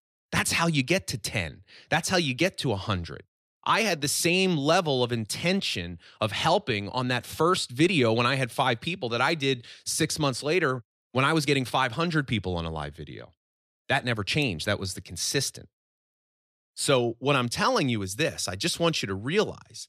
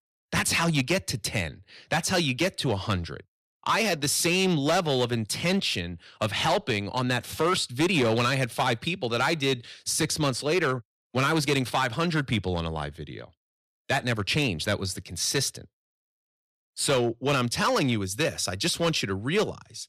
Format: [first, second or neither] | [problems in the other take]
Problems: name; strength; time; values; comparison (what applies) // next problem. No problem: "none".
first | distortion; slight; 6% of the sound clipped